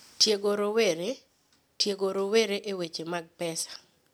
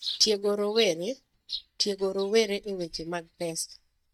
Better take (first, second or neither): first